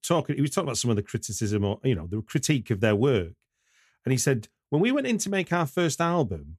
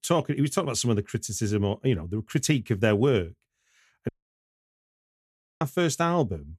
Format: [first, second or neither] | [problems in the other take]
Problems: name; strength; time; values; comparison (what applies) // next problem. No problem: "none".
first | audio cutting out; at 4 s for 1.5 s